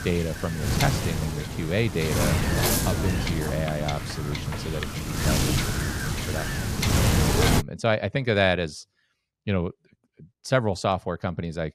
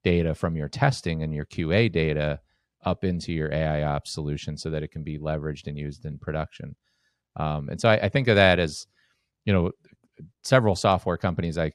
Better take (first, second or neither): second